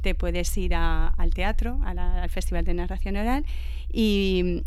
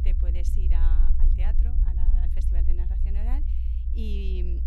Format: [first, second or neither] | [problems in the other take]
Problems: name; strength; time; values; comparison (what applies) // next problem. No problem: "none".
first | low rumble; loud; throughout; 1 dB below the speech; faint in the first